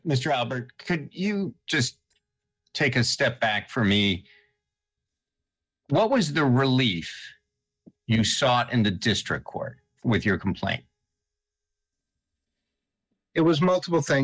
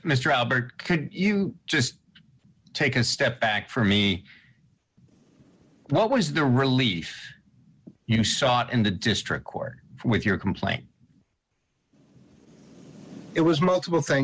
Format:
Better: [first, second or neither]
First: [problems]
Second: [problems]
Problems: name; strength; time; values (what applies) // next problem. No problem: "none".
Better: second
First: noise reduction (neural mask model DeepFilterNet 3)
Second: none